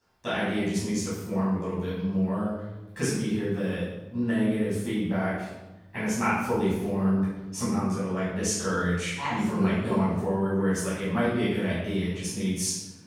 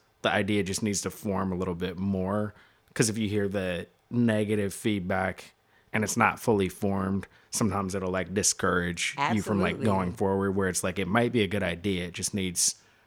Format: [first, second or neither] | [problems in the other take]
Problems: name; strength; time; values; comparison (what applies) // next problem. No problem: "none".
second | room echo; strong; dies away in 0.9 s // off-mic speech; far